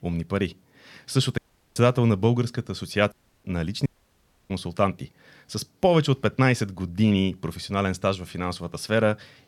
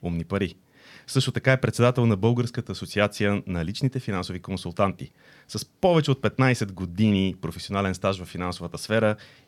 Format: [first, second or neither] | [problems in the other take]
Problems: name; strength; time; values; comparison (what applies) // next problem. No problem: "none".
second | audio cutting out; at 1.5 s, at 3 s and at 4 s for 0.5 s